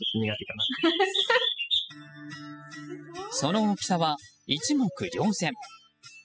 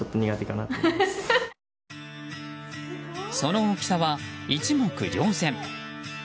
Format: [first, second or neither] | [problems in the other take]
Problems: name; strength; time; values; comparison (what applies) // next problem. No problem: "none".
second | noise reduction (classical method spectral subtraction)